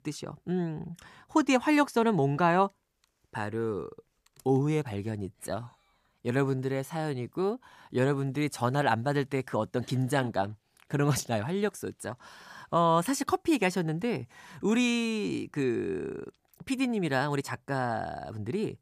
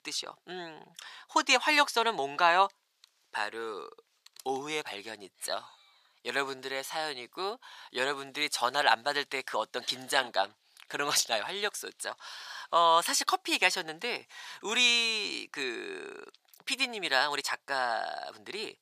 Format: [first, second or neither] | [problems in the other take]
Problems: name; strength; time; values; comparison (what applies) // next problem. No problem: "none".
first | thin; very; fading below 750 Hz